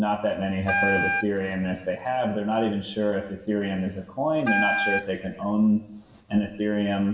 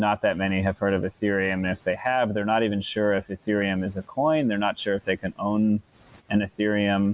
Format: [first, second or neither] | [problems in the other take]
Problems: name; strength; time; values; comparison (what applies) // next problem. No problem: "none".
second | background sound (Wind instrument, woodwind instrument); 1 dB below the speech // room echo; dies away in 0.8 s